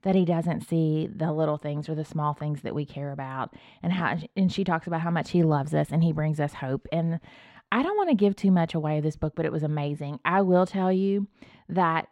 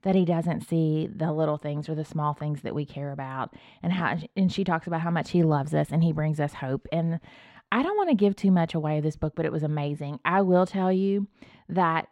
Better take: neither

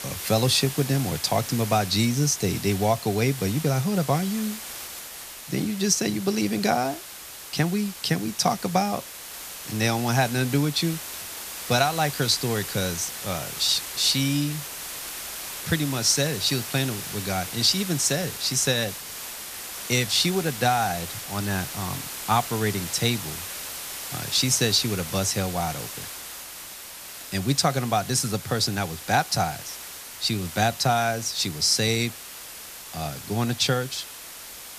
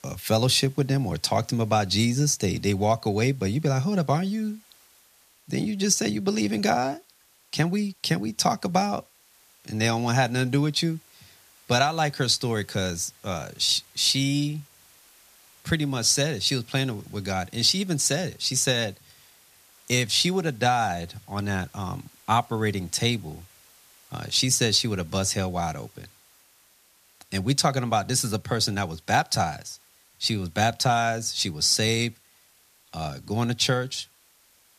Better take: second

